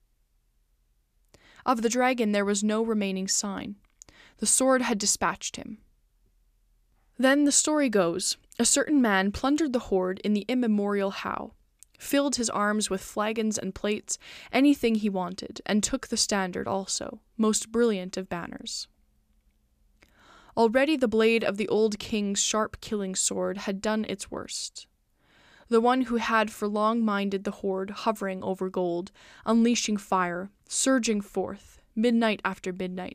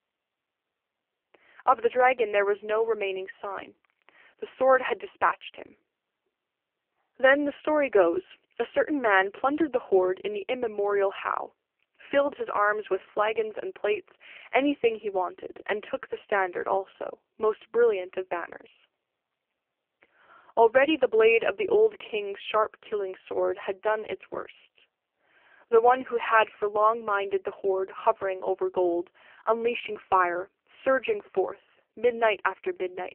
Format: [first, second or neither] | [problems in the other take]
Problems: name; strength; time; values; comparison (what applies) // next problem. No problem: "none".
first | phone-call audio; poor line; nothing above 3 kHz